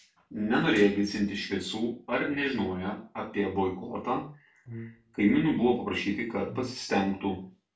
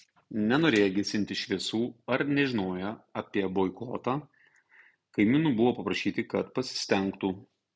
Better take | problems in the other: second | background sound (Brass instrument); 15 dB below the speech // room echo; dies away in 0.3 s

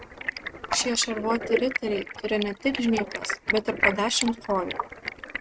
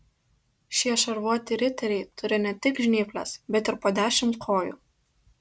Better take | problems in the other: second | noise reduction (neural mask model RNNoise)

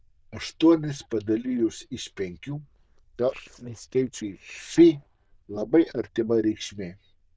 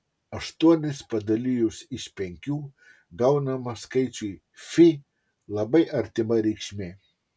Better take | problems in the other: second | noise reduction (neural diffusion model UNIVERSE++)

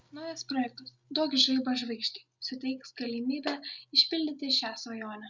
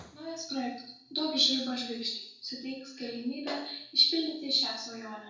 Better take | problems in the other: first | room echo; dies away in 0.7 s

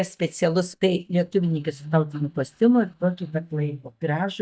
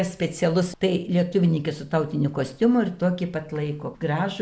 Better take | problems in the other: second | noise reduction (neural mask model DeepFilterNet 3)

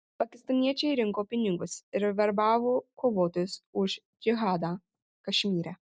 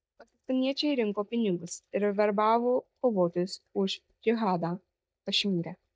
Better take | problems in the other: first | noise reduction (neural mask model DeepFilterNet 3)

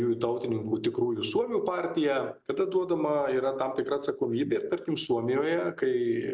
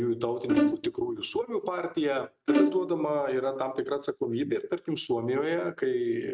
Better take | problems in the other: first | noise reduction (neural mask model RNNoise)

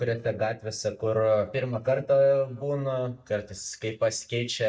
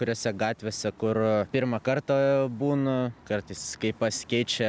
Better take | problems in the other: second | noise reduction (neural mask model DeepFilterNet 3)

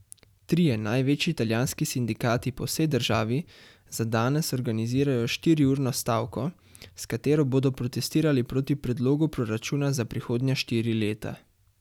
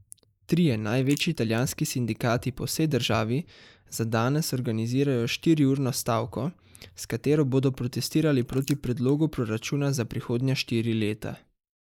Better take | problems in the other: first | noise reduction (neural mask model Resemble Enhance denoiser)

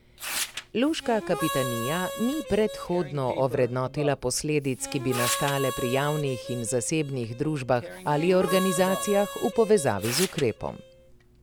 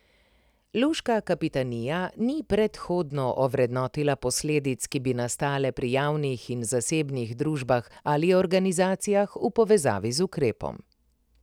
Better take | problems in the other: second | background sound (Harmonica + Tearing); 9 dB below the speech

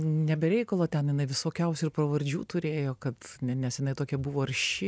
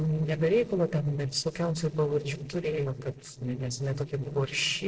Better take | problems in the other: first | noise reduction (neural separator model SepFormer DNS4)

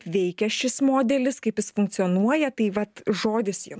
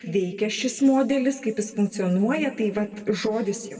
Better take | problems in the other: first | room echo; dies away in 1.4 s

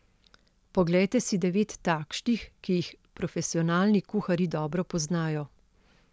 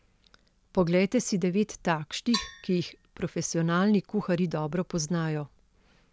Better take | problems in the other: first | background sound (Percussion); 12 dB below the speech

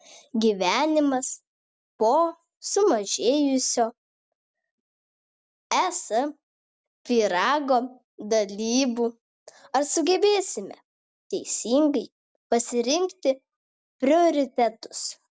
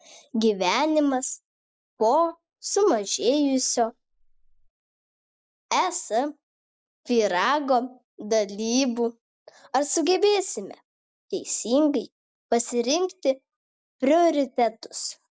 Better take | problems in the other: first | noise reduction (neural mask model Resemble Enhance denoiser)

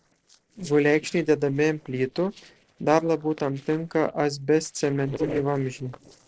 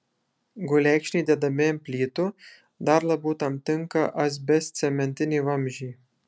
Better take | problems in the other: second | noise reduction (neural separator model SepFormer DNS4)

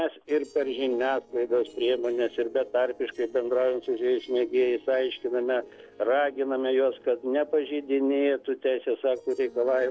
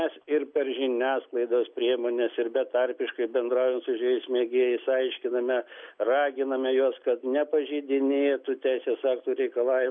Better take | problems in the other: second | noise reduction (neural separator model SepFormer DNS4)

